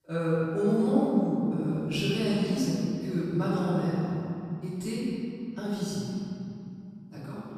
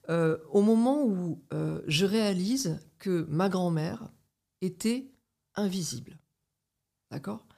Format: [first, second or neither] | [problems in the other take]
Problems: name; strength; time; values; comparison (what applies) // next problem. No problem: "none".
second | off-mic speech; far // room echo; strong; dies away in 2.8 s